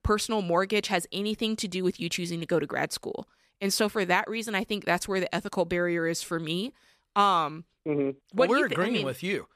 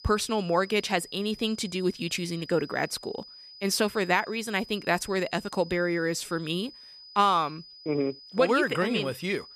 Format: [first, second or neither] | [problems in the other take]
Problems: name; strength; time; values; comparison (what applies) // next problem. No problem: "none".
first | high-pitched whine; noticeable; throughout; 5 kHz, 20 dB below the speech